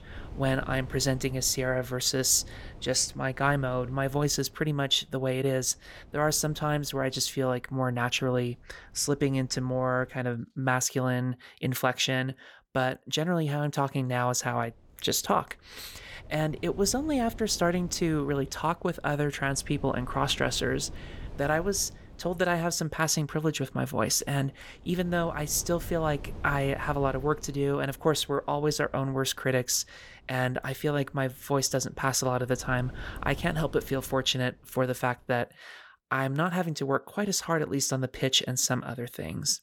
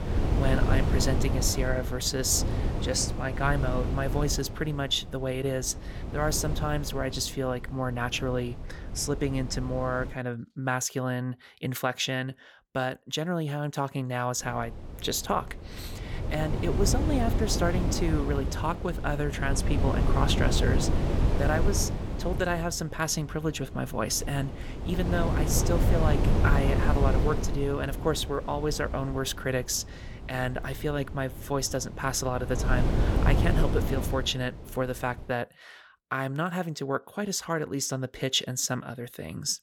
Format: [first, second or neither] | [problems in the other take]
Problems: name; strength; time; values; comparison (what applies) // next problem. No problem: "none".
first | wind noise on the microphone; heavy; until 10 s and from 14 to 35 s; 6 dB below the speech; occasional gusts in the first